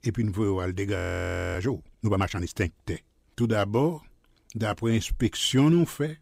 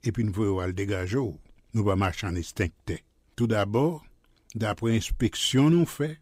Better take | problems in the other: second | audio freezing; at 1 s for 0.5 s

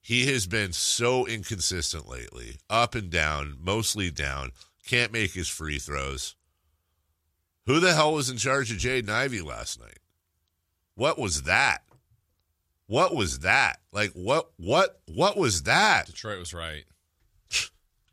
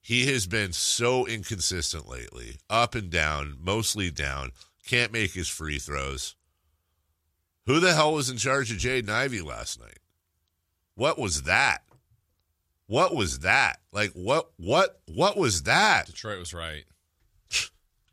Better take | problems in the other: neither | none

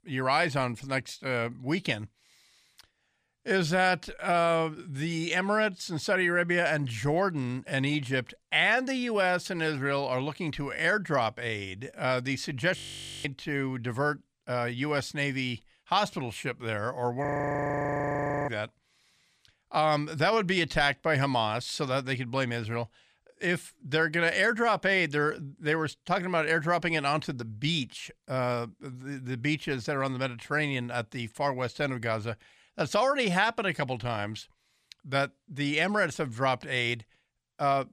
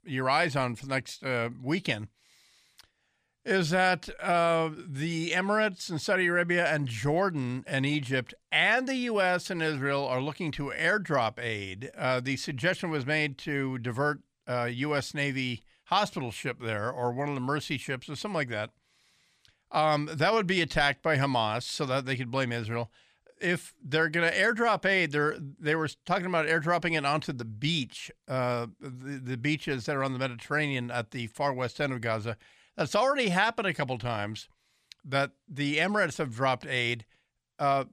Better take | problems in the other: second | audio freezing; at 13 s and at 17 s for 1 s

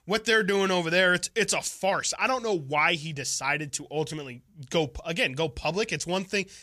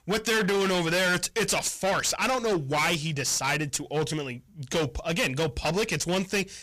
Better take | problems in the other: first | distortion; heavy; 21% of the sound clipped

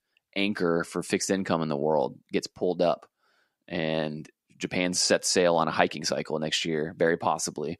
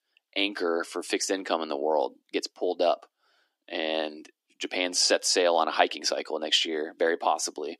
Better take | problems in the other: first | thin; somewhat; fading below 300 Hz

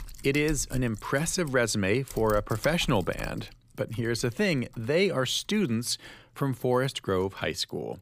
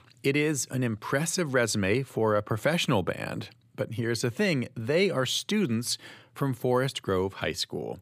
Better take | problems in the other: second | household noises; noticeable; throughout; 15 dB below the speech

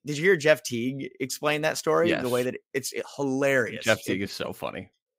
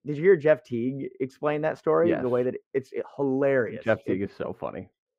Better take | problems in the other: first | muffled; very; fading above 3 kHz

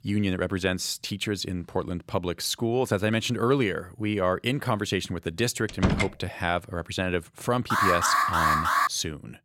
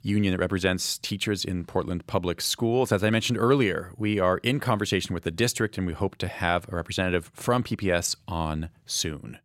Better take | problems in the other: second | door banging; loud; at 5.5 s; peak 2 dB above the speech // alarm; loud; from 7.5 to 9 s; peak 6 dB above the speech

